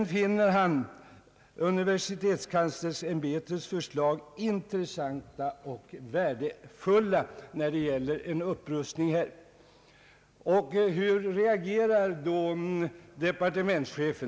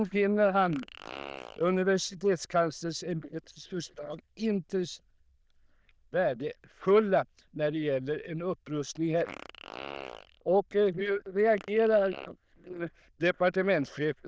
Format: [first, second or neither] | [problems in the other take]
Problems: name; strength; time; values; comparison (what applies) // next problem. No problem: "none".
first | noise reduction (neural diffusion model UNIVERSE++)